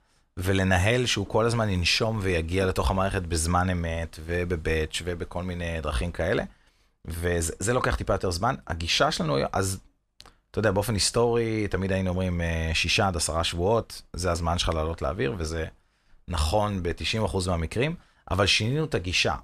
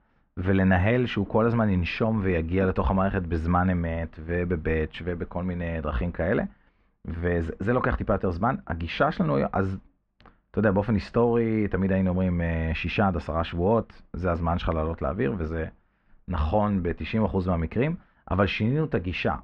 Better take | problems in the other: first | muffled; very; fading above 2 kHz

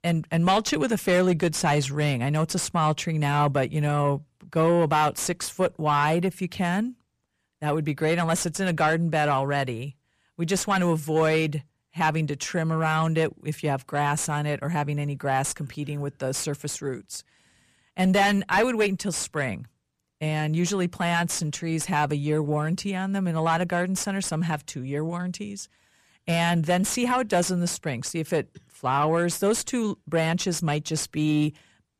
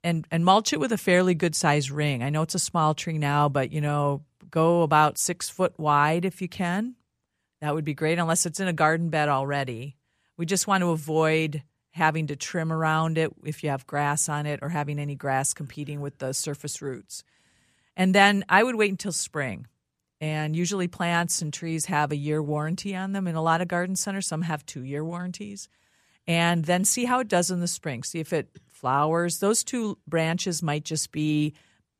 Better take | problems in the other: second | distortion; slight; 10 dB below the speech

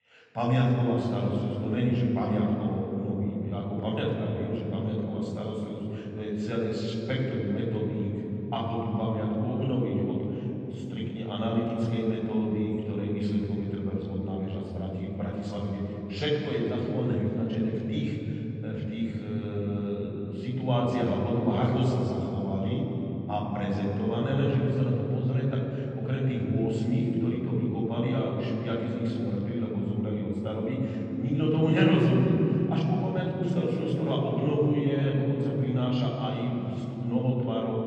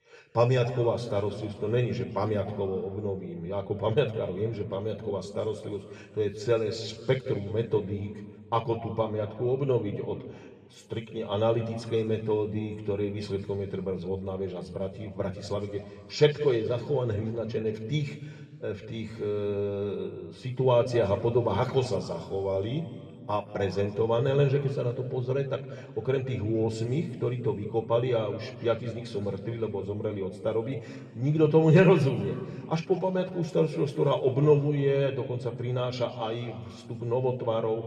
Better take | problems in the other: second | room echo; strong; dies away in 3 s; slight in the second // off-mic speech; far; somewhat distant in the second

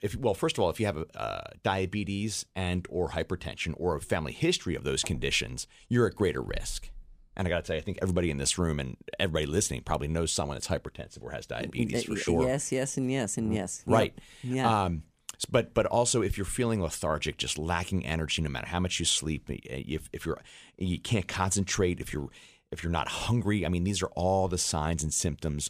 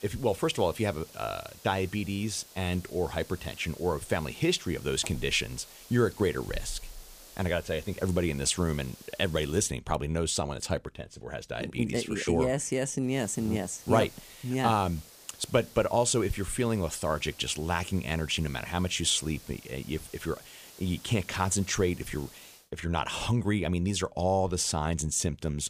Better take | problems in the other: first | hiss; noticeable; until 9.5 s and from 13 to 23 s; 20 dB below the speech

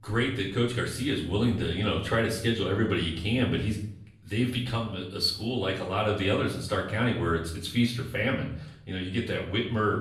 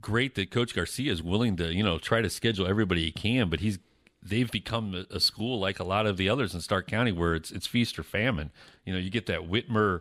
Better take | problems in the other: second | off-mic speech; far // room echo; slight; dies away in 0.6 s

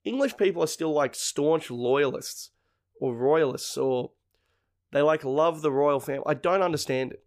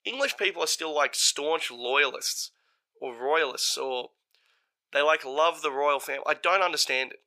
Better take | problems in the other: first | thin; very; fading below 750 Hz

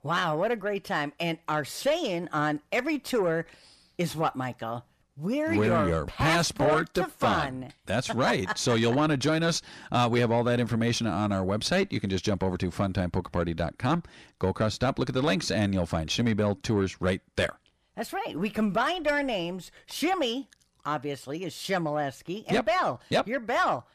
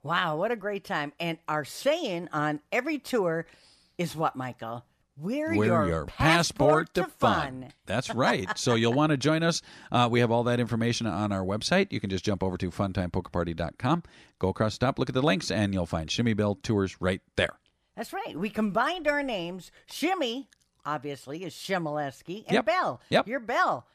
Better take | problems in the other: second | distortion; slight; 10 dB below the speech

